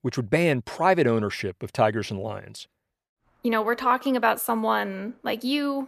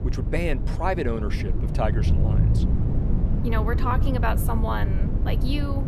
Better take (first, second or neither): first